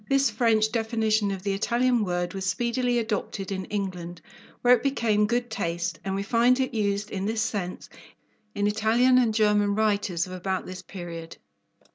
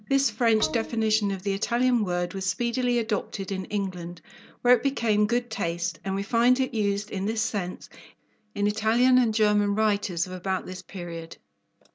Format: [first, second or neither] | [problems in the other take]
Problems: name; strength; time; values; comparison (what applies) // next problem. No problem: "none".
first | background sound (Bowed string instrument); 16 dB below the speech